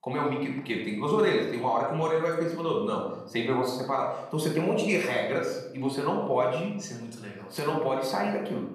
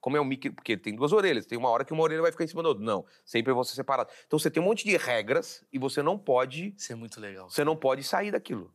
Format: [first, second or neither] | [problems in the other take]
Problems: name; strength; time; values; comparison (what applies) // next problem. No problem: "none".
second | off-mic speech; far // room echo; noticeable; dies away in 0.9 s